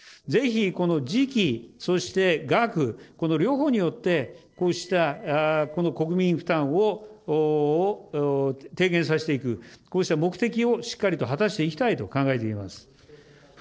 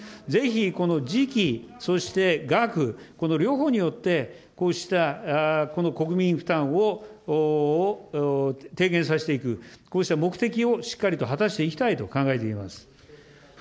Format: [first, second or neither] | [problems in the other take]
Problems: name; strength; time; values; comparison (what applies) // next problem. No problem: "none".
second | noise reduction (neural separator model SepFormer DNS4)